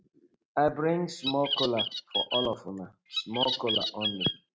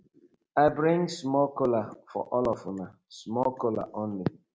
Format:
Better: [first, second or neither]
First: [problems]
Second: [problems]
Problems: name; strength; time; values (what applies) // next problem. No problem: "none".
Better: second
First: noise reduction (neural mask model RNNoise)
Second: none